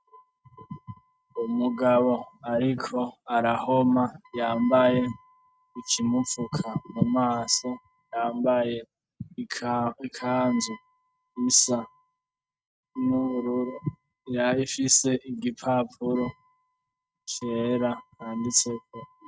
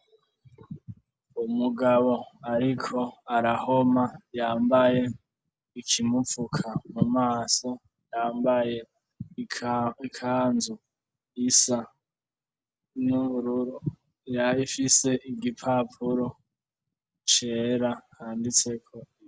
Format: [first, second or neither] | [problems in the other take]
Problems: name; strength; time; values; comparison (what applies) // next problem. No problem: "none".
second | noise reduction (neural mask model RNNoise)